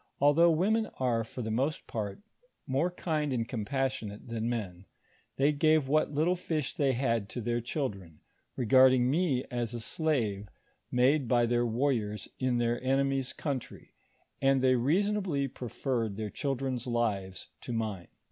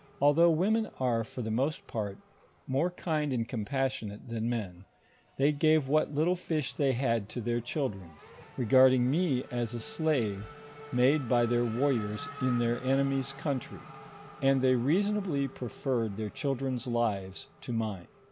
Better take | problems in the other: first | background sound (Race car, auto racing / Accelerating, revving, vroom); 20 dB below the speech

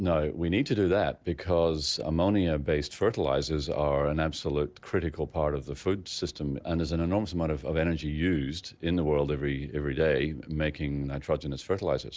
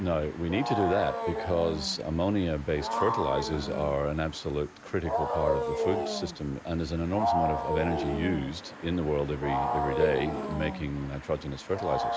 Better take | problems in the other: first | background sound (Wild animals); 3 dB below the speech

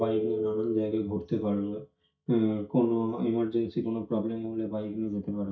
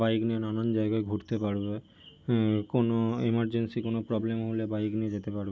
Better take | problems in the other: second | noise reduction (neural mask model DeepFilterNet 3)

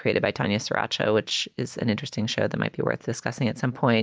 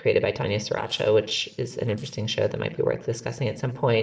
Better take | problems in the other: first | noise reduction (neural separator model SepFormer DNS4)

